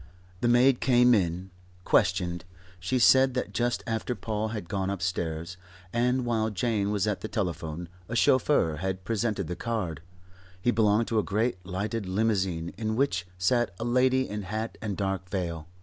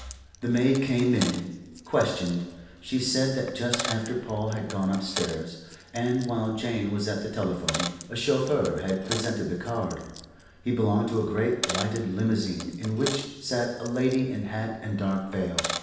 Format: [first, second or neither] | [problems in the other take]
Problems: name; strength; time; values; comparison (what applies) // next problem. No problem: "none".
first | background sound (Coin (dropping)); 11 dB below the speech // room echo; dies away in 0.9 s